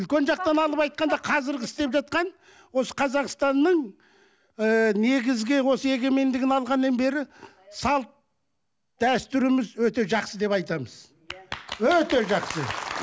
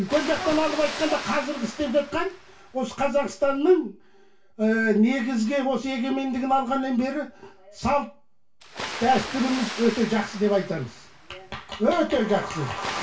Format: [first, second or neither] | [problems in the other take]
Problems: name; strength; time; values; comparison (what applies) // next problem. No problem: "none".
first | background sound (Water); 14 dB below the speech // room echo; dies away in 0.2 s